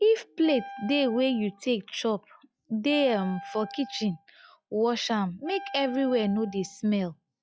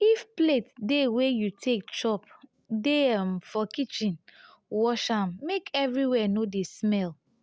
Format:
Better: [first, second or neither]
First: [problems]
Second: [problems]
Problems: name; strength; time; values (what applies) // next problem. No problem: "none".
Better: second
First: noise reduction (classical method log-MMSE)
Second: none